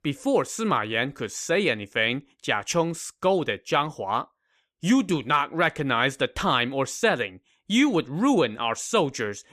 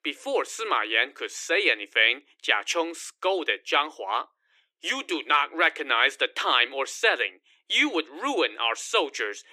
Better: first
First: none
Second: thin; very; fading below 300 Hz

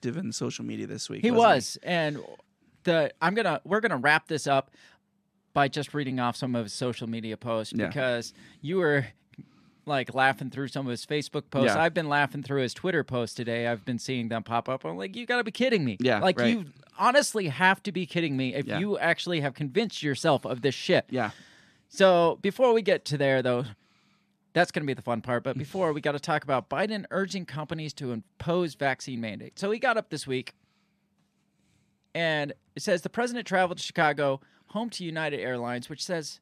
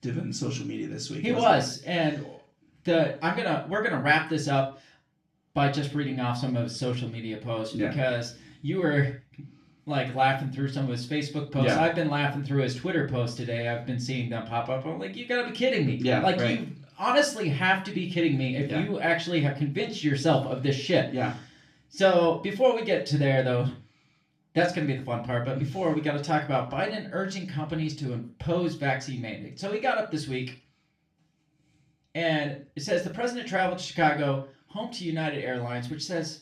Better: first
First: none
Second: room echo; slight; dies away in 0.3 s // off-mic speech; far

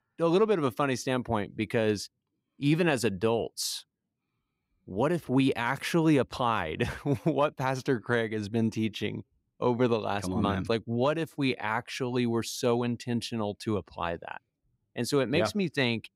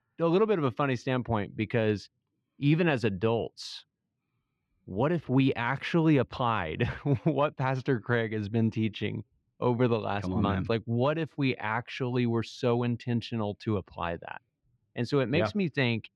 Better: first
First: none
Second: muffled; very slightly; fading above 3 kHz

